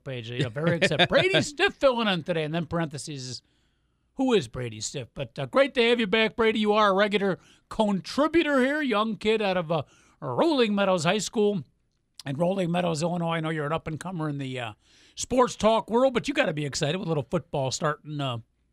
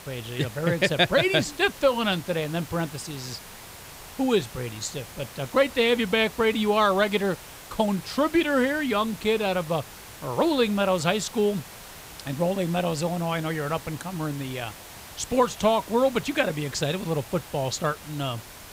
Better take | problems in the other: first | hiss; noticeable; throughout; 15 dB below the speech

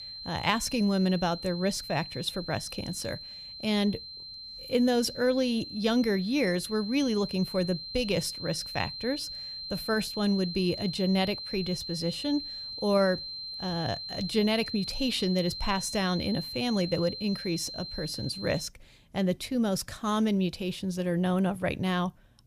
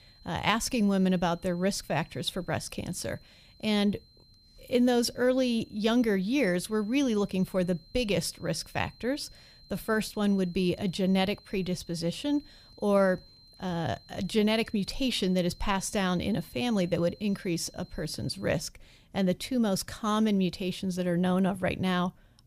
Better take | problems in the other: second | high-pitched whine; loud; until 19 s; 4 kHz, 8 dB below the speech; faint in the second

